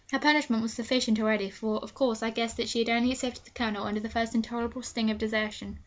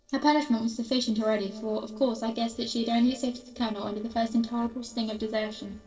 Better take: first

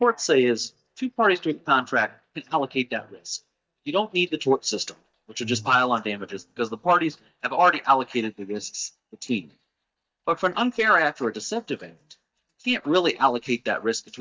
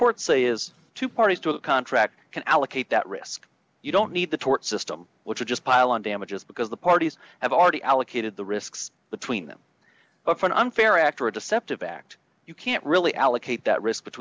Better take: second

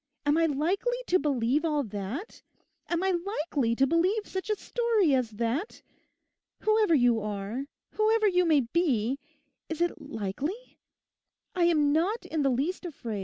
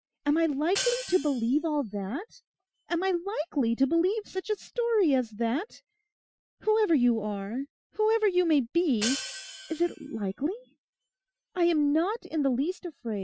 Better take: first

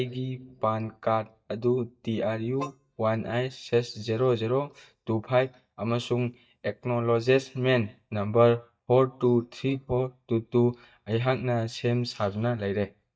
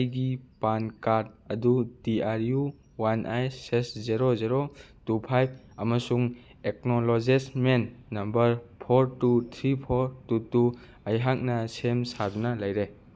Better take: second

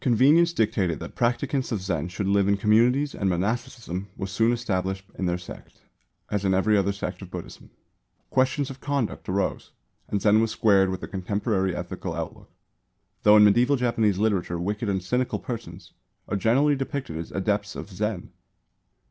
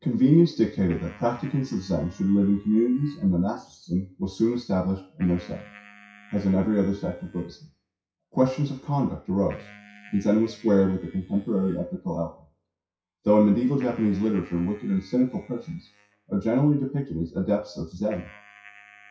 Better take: first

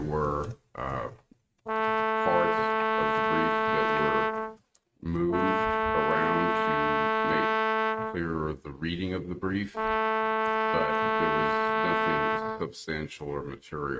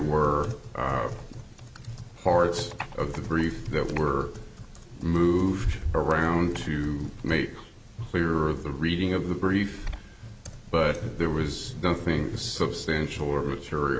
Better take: second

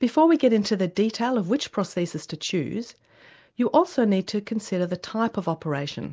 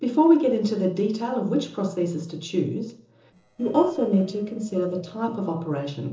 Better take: first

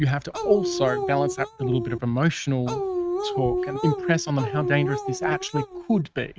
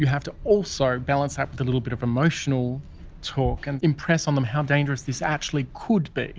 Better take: second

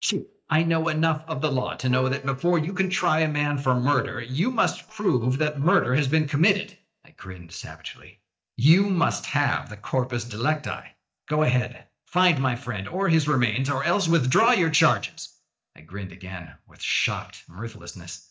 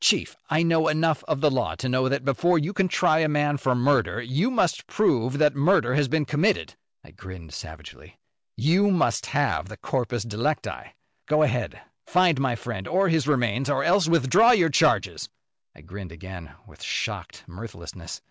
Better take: second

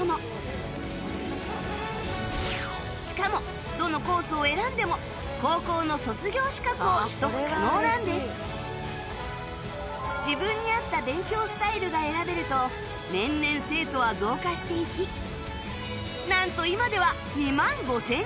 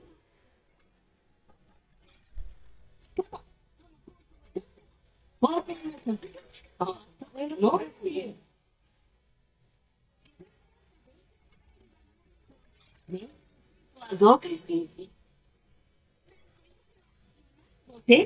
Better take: first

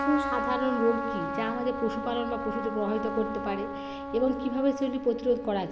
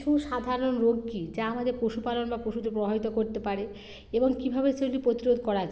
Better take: second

